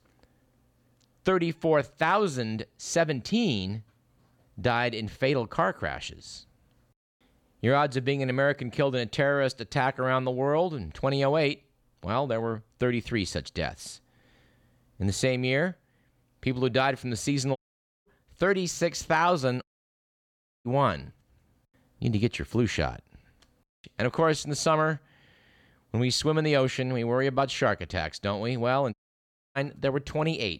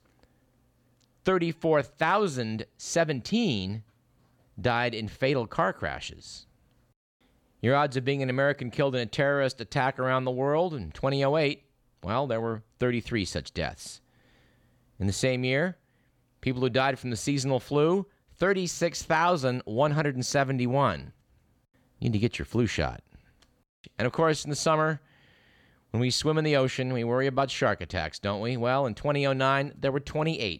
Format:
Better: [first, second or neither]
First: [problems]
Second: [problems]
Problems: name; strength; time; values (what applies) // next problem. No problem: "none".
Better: second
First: audio cutting out; at 18 s, at 20 s for 1 s and at 29 s for 0.5 s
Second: none